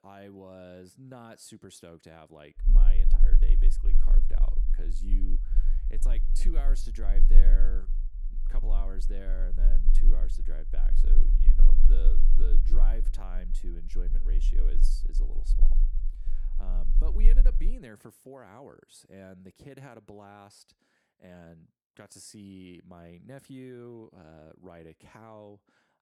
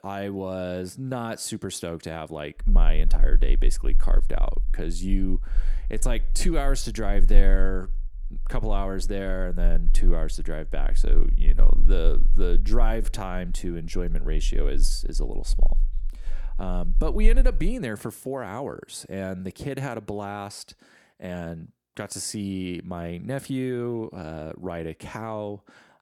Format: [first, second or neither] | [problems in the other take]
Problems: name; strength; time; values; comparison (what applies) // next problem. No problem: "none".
second | low rumble; loud; from 2.5 to 18 s; 8 dB below the speech; faint in the second